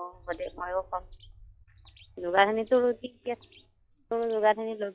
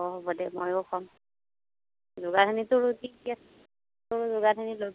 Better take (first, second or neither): second